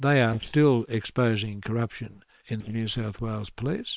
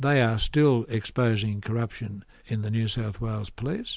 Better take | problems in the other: second | noise reduction (neural separator model SepFormer WHAM!)

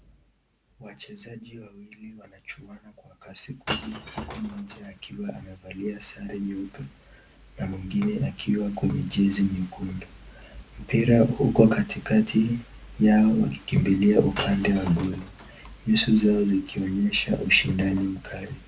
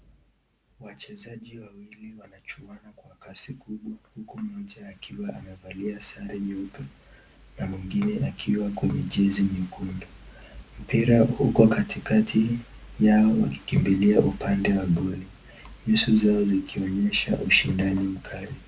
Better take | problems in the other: second | background sound (Shatter / Crushing); 15 dB below the speech

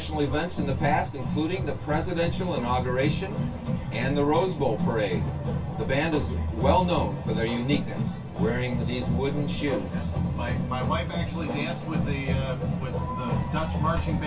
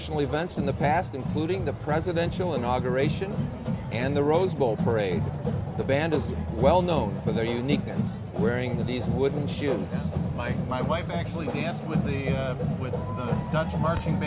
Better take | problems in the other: second | room echo; dies away in 0.1 s

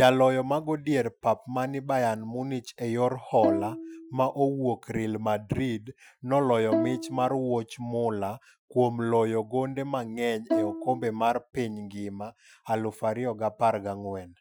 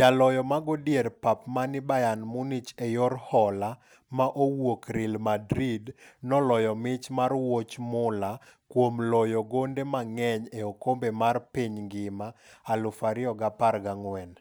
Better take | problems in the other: second | noise reduction (classical method Wiener filter)

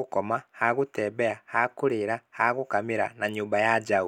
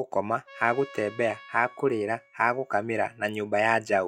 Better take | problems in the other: first | noise reduction (classical method log-MMSE)

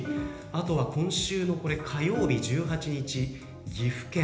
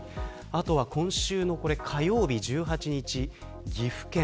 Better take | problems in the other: second | background sound (Plucked string instrument); 12 dB below the speech // room echo; dies away in 1 s

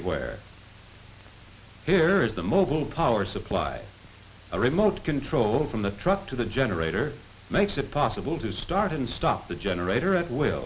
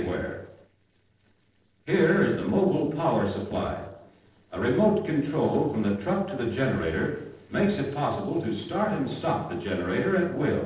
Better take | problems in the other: first | noise reduction (neural separator model SepFormer DNS4)

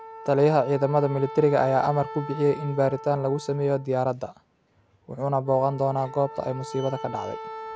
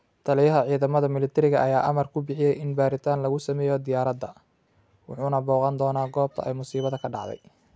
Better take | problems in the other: second | background sound (Wind instrument, woodwind instrument); 14 dB below the speech

